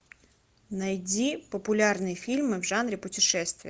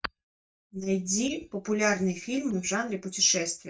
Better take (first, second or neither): first